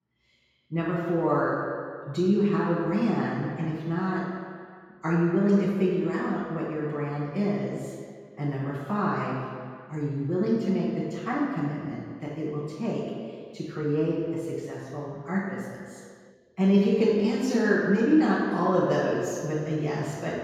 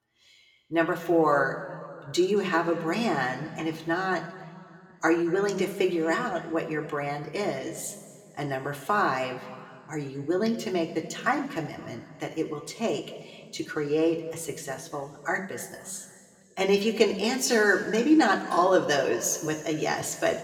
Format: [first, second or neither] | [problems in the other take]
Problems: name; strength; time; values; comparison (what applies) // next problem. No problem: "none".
second | room echo; strong; dies away in 2 s; slight in the second // off-mic speech; far